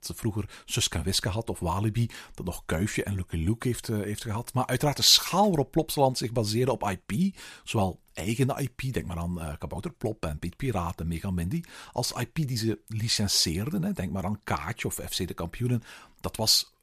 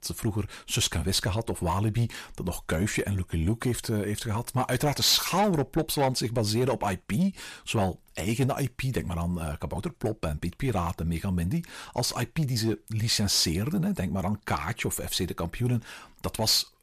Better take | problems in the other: first | distortion; slight; 10 dB below the speech

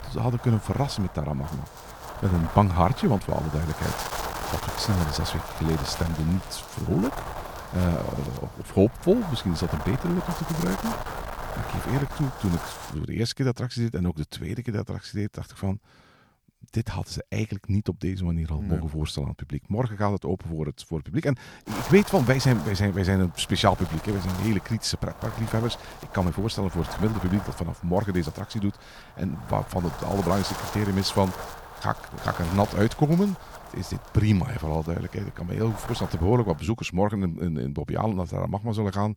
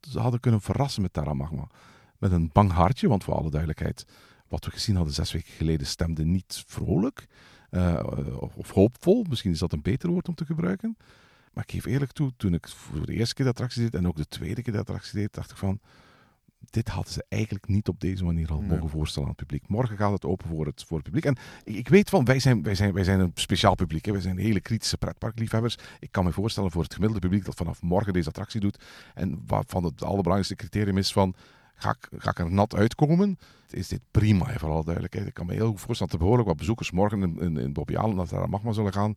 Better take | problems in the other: second | wind noise on the microphone; heavy; until 13 s and from 22 to 37 s; 6 dB below the speech

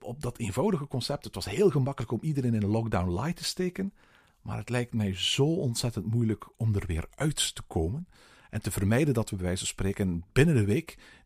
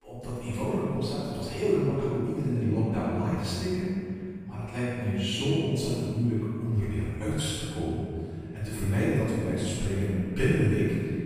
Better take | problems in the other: first | room echo; strong; dies away in 2.2 s // off-mic speech; far

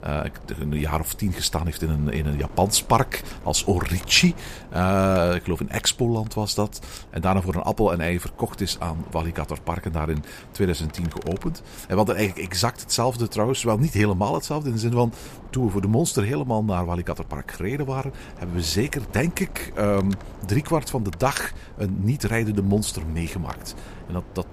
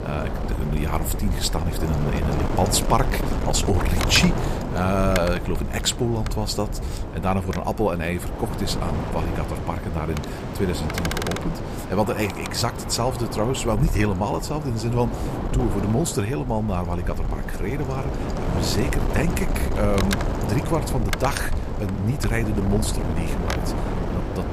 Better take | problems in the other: first | wind noise on the microphone; heavy; 5 dB below the speech; occasional gusts in the first

